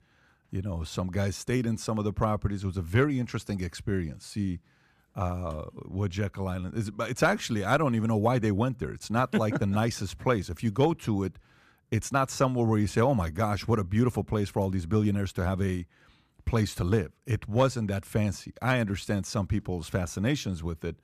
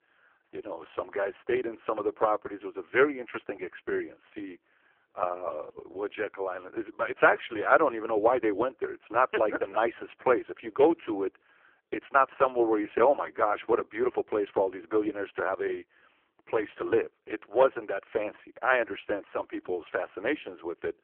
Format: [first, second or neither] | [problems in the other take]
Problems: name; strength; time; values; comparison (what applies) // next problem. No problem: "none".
first | phone-call audio; poor line